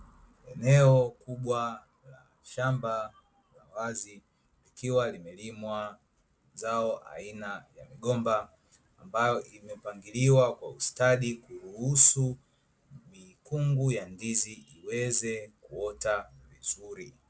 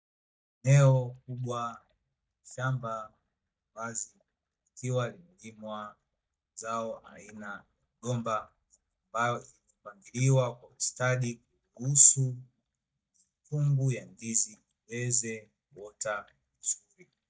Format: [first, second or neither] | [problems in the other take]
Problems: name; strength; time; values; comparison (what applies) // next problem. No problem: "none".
first | noise reduction (neural mask model DeepFilterNet 3)